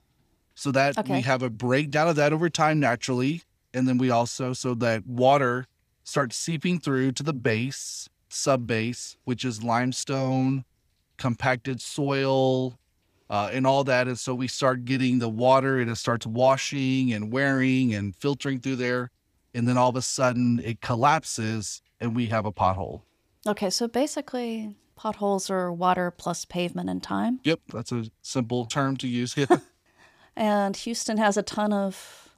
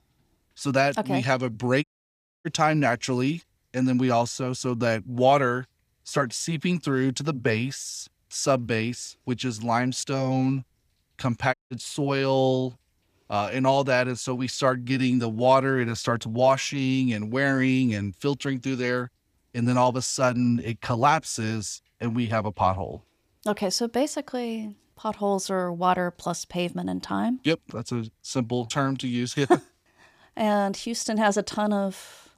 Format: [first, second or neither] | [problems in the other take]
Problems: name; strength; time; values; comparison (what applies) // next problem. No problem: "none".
first | audio cutting out; at 2 s for 0.5 s and at 12 s